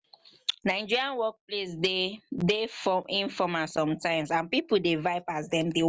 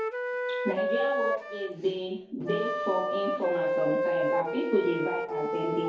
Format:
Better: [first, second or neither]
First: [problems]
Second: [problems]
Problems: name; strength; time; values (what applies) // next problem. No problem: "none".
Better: first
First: none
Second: background sound (Wind instrument, woodwind instrument); 2 dB above the speech // room echo; dies away in 2.3 s